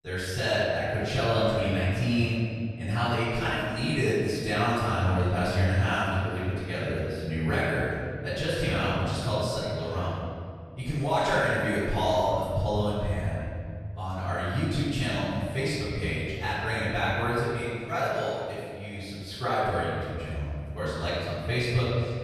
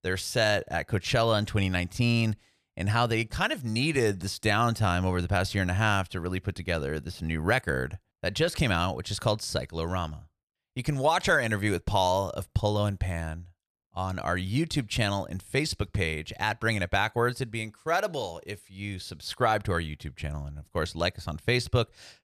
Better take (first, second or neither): second